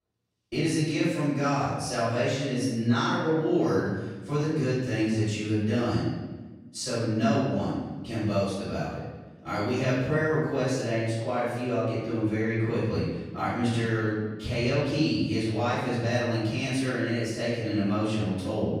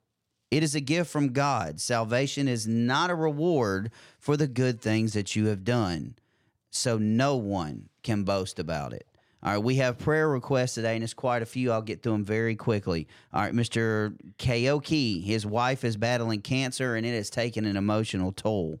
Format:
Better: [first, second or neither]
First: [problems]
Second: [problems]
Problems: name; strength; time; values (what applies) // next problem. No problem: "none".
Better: second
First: off-mic speech; far // room echo; strong; dies away in 1.1 s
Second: none